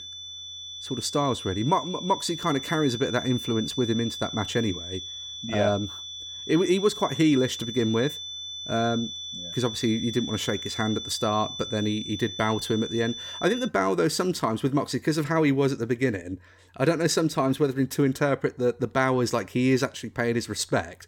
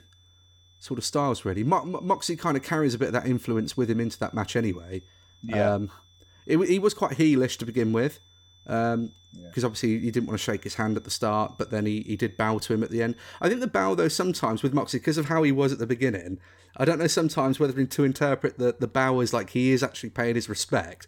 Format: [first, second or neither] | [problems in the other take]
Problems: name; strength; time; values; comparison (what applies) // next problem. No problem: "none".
second | high-pitched whine; loud; until 14 s; 3.5 kHz, 8 dB below the speech; faint in the second